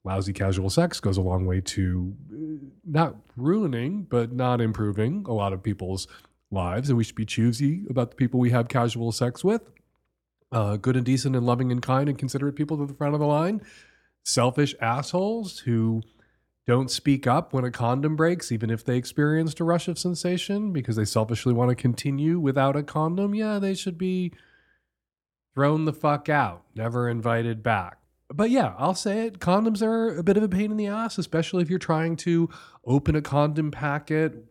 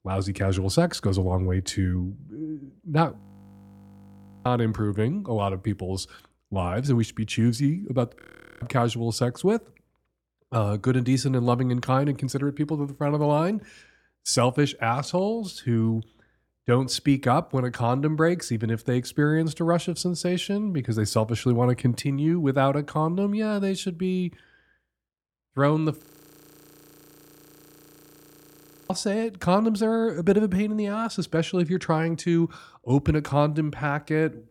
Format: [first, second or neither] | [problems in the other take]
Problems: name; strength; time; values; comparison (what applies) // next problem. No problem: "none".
first | audio freezing; at 3 s for 1.5 s, at 8 s and at 26 s for 3 s